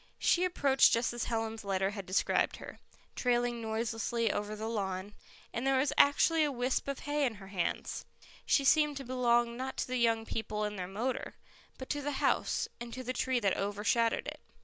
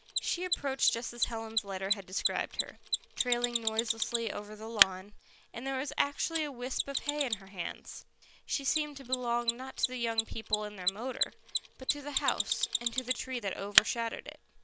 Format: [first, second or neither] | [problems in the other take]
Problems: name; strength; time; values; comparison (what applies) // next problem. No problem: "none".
first | background sound (Mechanisms); as loud as the speech